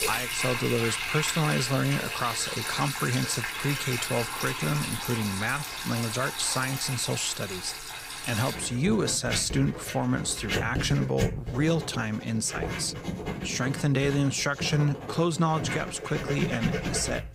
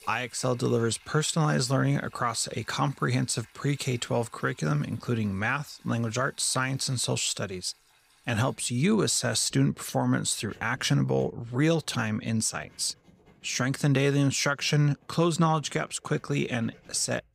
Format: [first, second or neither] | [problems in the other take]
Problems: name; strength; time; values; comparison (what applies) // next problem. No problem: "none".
second | household noises; loud; throughout; 4 dB below the speech; faint in the second